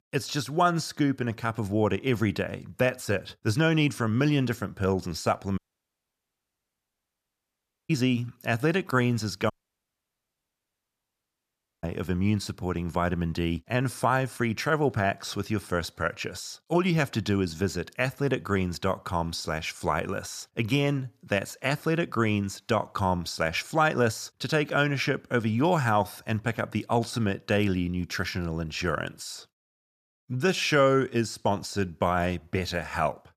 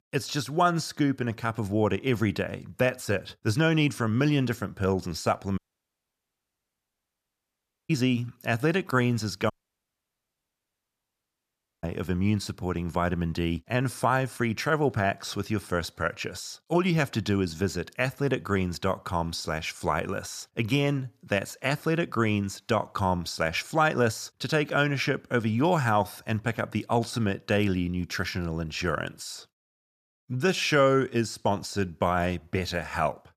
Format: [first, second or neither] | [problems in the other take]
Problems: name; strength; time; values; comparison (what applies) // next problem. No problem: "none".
neither | audio cutting out; at 5.5 s for 2.5 s and at 9.5 s for 2.5 s; the same in both